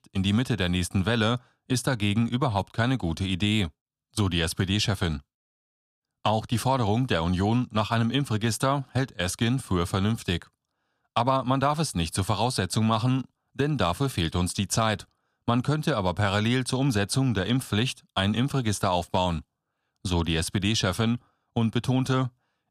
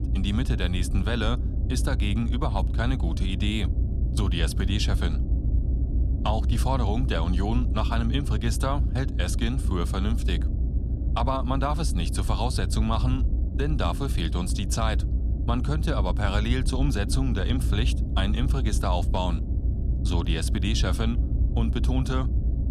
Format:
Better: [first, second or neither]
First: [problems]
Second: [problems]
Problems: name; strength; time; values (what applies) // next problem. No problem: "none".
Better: first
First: none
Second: low rumble; noticeable; throughout; 10 dB below the speech